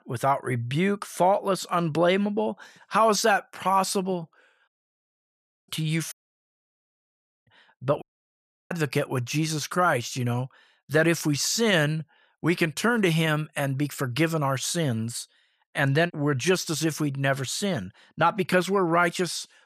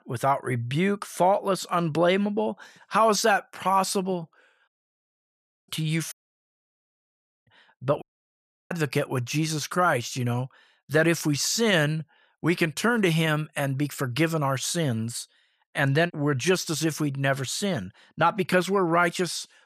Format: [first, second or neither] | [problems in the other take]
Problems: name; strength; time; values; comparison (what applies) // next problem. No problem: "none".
neither | audio cutting out; at 4.5 s for 1 s, at 6 s for 1.5 s and at 8 s for 0.5 s; the same in both